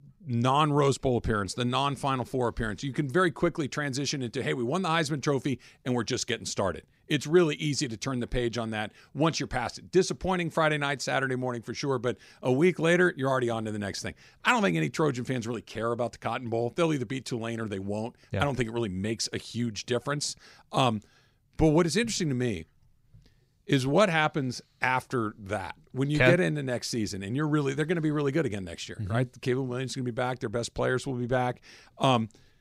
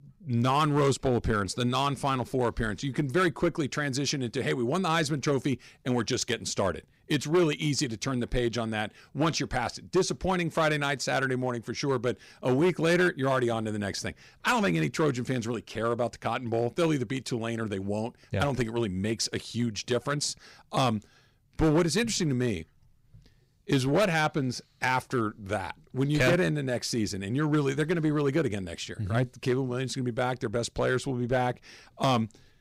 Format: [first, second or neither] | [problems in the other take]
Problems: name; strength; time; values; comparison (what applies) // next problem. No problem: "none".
first | distortion; slight; 4% of the sound clipped